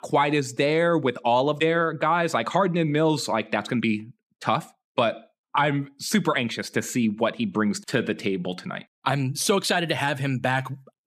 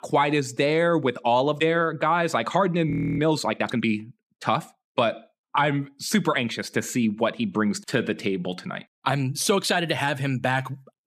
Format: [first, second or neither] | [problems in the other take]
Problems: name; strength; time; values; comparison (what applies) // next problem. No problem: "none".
first | audio freezing; at 3 s